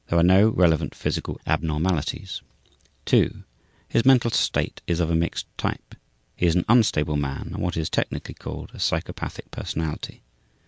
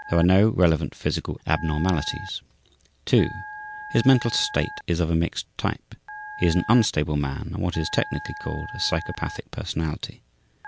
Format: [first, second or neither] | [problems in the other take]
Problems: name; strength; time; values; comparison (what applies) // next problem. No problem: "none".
first | background sound (Telephone); 16 dB below the speech